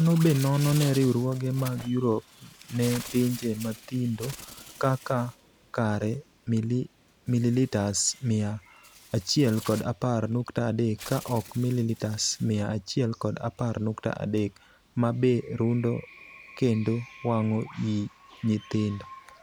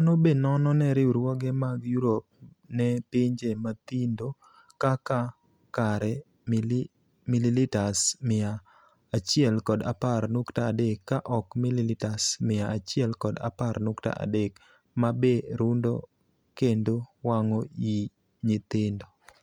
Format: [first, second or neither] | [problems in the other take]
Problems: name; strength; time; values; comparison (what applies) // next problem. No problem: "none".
second | background sound (Bird); 19 dB below the speech